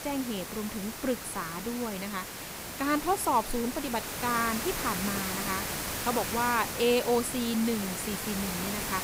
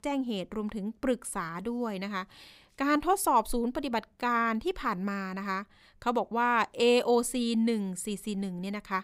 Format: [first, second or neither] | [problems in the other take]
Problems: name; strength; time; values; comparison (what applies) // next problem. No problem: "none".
second | hiss; loud; throughout; 3 dB below the speech